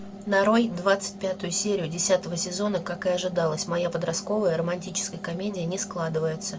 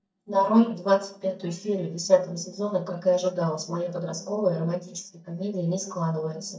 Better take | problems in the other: first | noise reduction (neural mask model DeepFilterNet 3)

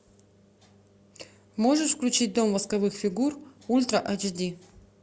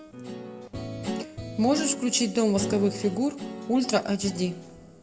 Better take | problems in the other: first | background sound (Guitar); 9 dB below the speech // room echo; dies away in 1.3 s

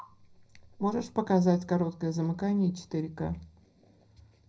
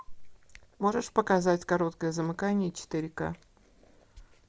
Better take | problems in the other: second | room echo; dies away in 0.4 s

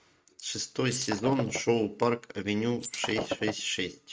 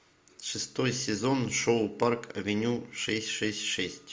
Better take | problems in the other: second | noise reduction (neural mask model RNNoise)

